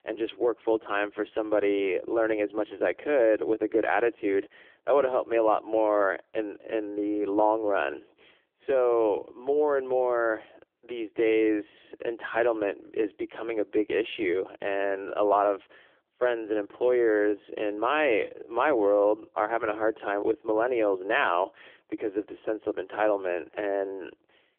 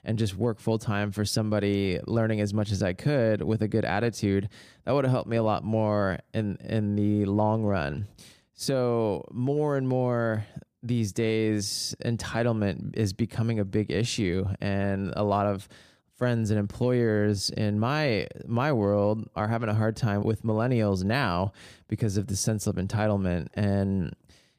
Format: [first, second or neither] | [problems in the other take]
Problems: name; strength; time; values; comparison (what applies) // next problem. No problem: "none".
second | phone-call audio; poor line; nothing above 3.5 kHz